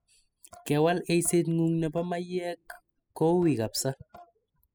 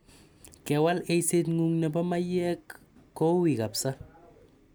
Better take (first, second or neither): second